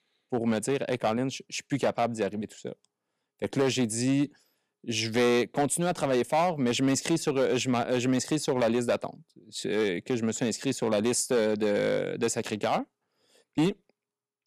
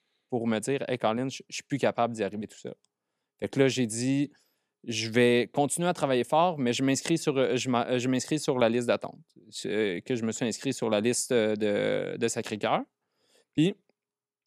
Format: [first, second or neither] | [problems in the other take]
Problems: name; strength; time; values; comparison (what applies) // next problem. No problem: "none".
second | distortion; slight; 5% of the sound clipped